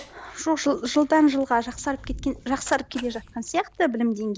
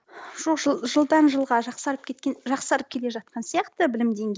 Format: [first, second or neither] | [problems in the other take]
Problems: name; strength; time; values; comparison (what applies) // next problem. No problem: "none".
second | background sound (Cat + Thunder / Rain); 19 dB below the speech